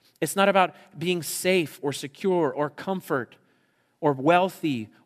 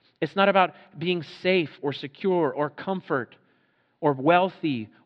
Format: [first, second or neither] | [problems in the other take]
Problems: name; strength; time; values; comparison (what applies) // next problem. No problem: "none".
first | muffled; slightly; fading above 4 kHz